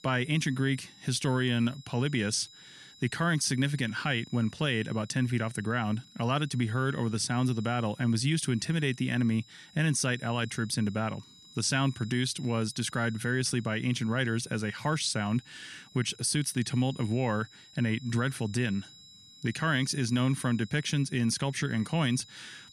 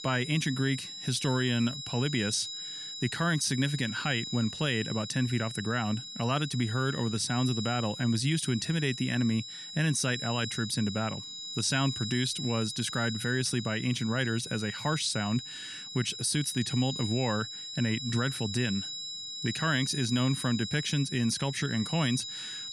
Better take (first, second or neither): first